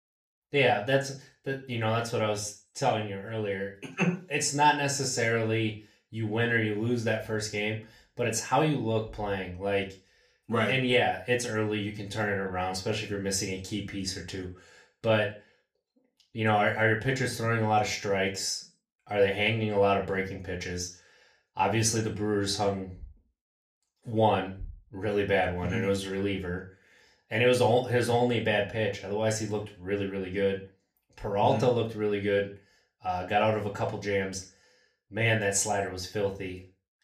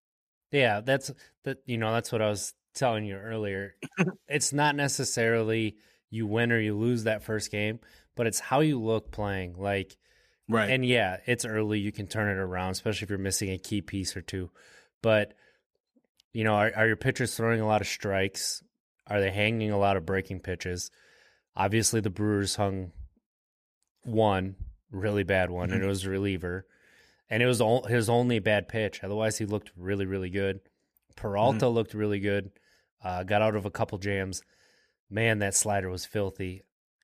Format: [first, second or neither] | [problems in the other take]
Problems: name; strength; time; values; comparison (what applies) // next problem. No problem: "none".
second | room echo; slight; dies away in 0.3 s // off-mic speech; far